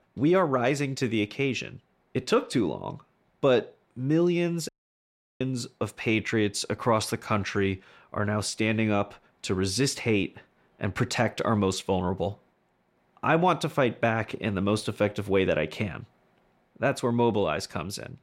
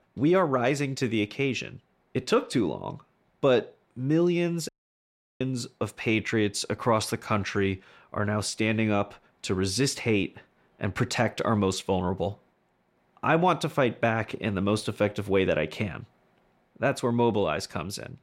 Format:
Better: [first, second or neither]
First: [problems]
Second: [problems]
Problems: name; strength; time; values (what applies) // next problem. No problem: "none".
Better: neither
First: audio cutting out; at 4.5 s for 0.5 s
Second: audio cutting out; at 4.5 s for 0.5 s